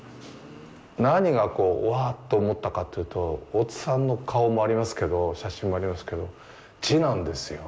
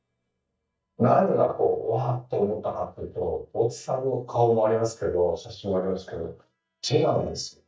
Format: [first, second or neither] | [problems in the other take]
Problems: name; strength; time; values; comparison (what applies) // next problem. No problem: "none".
first | noise reduction (neural mask model DeepFilterNet 3)